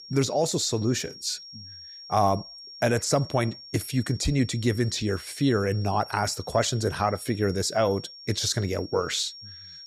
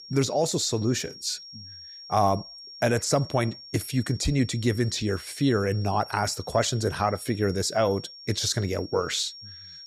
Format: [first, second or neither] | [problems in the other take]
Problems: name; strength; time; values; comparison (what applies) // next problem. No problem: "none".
neither | high-pitched whine; noticeable; throughout; 5.5 kHz, 15 dB below the speech; the same in both